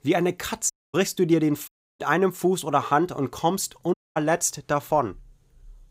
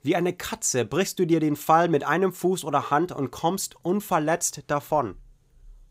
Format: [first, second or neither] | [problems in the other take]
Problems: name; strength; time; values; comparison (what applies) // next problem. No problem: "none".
second | audio cutting out; at 0.5 s, at 1.5 s and at 4 s